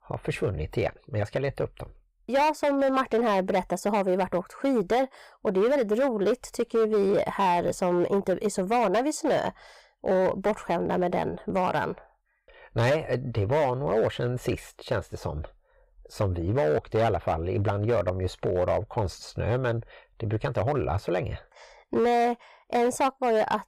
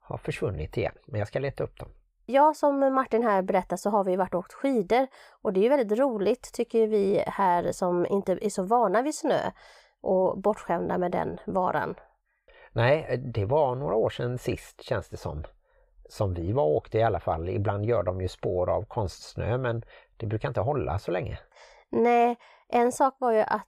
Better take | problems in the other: second | distortion; slight; 7% of the sound clipped

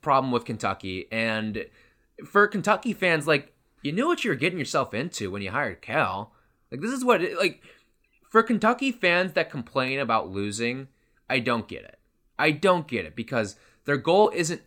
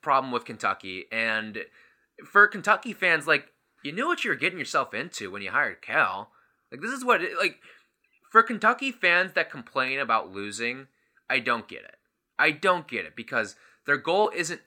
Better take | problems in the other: first | thin; somewhat; fading below 600 Hz

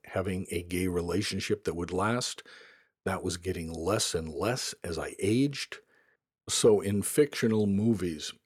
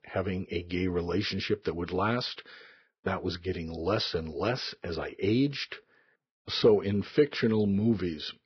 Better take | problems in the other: first | garbled, watery; badly; nothing above 5.5 kHz

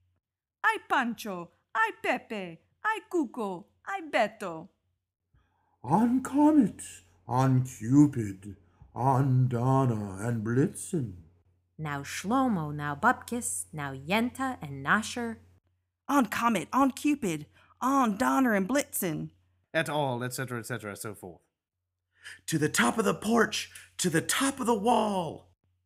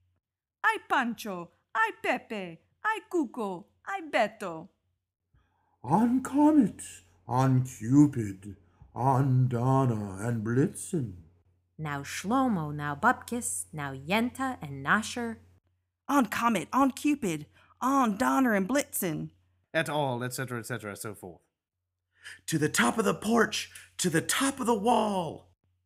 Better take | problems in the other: neither | none

